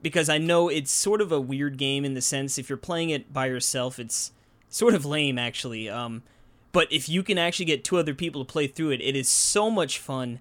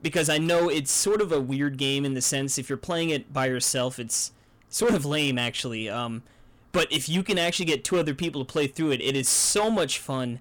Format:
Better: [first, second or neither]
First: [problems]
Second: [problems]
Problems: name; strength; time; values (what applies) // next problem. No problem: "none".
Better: first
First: none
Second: distortion; slight; 8% of the sound clipped